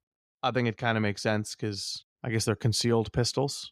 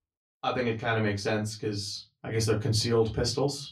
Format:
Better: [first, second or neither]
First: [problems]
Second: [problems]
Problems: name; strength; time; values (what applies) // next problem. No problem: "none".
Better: first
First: none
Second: off-mic speech; far // room echo; very slight; dies away in 0.2 s